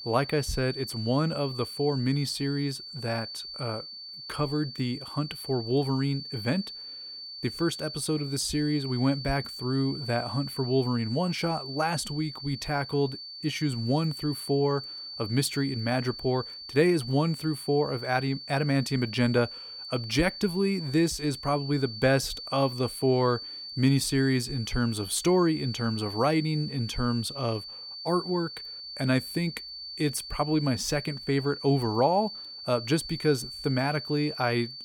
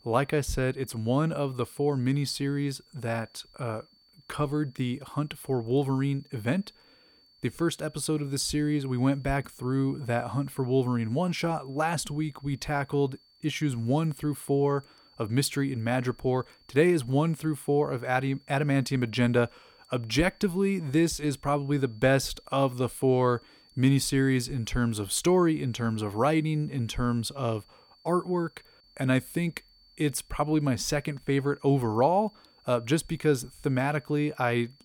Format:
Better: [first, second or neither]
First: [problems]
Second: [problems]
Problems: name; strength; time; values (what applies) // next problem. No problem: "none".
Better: second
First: high-pitched whine; loud; throughout; 4.5 kHz, 9 dB below the speech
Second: high-pitched whine; faint; throughout; 4.5 kHz, 30 dB below the speech